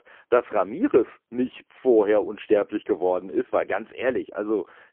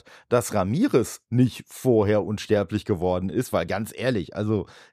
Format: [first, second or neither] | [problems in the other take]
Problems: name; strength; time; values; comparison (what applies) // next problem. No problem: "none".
second | phone-call audio; poor line; nothing above 3 kHz